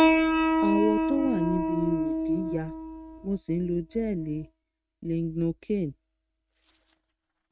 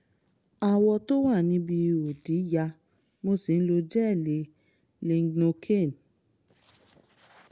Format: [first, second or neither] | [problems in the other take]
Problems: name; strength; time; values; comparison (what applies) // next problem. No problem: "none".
second | noise reduction (neural mask model RNNoise)